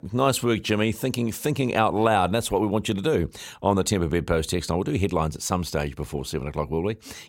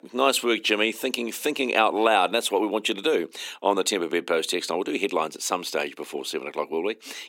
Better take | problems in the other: first | thin; somewhat; fading below 250 Hz

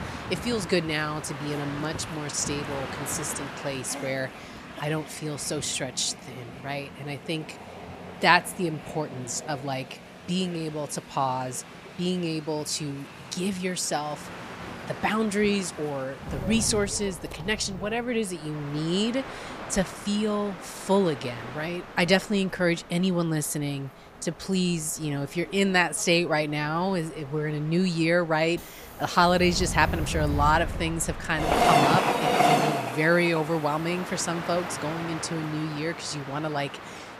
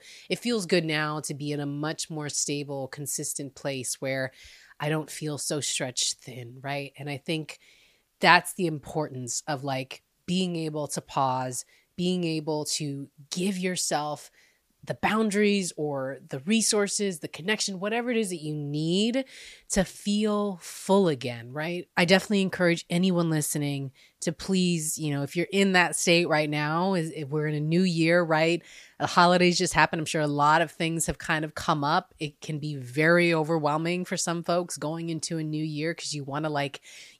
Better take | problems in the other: second | train or aircraft noise; loud; throughout; 6 dB below the speech

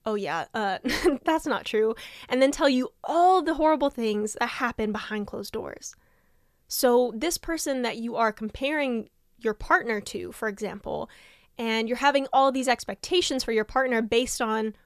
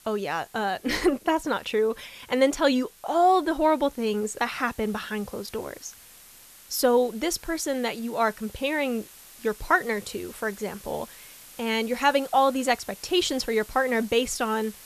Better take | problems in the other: first | hiss; faint; throughout; 20 dB below the speech

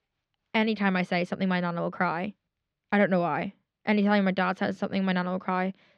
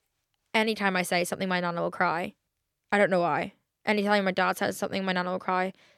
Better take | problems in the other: second | muffled; very slightly; fading above 4 kHz

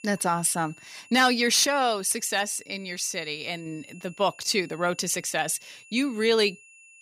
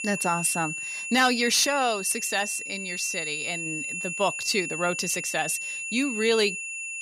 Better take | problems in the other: first | high-pitched whine; loud; throughout; 2.5 kHz, 5 dB below the speech; faint in the first

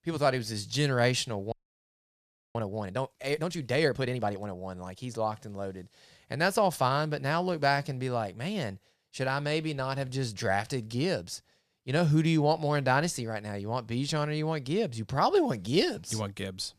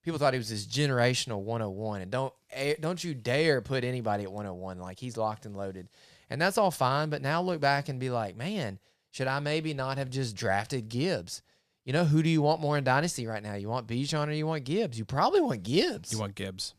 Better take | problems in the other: second | audio freezing; at 1.5 s for 1 s

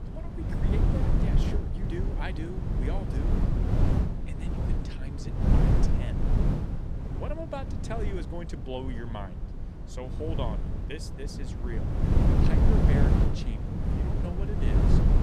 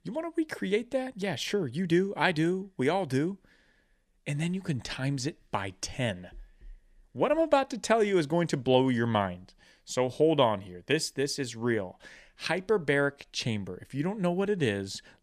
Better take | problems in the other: second | wind noise on the microphone; heavy; 3 dB above the speech

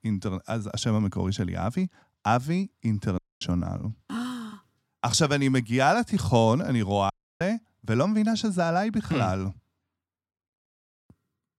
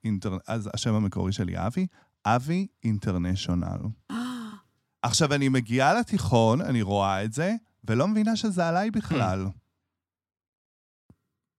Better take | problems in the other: second | audio cutting out; at 3 s and at 7 s

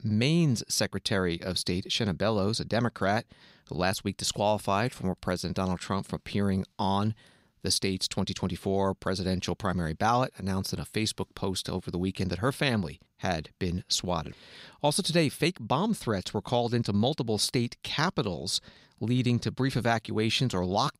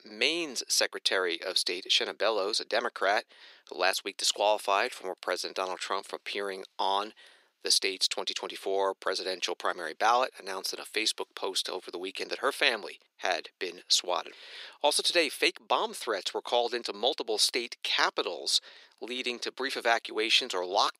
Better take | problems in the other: first | thin; very; fading below 350 Hz

